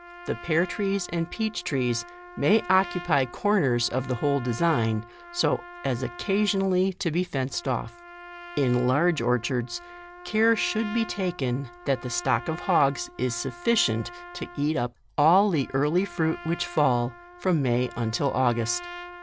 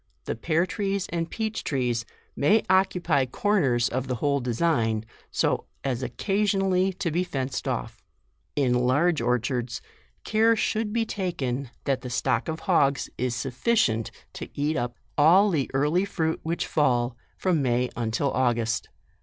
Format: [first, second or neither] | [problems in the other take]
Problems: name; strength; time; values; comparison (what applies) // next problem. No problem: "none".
second | background sound (Trumpet); 17 dB below the speech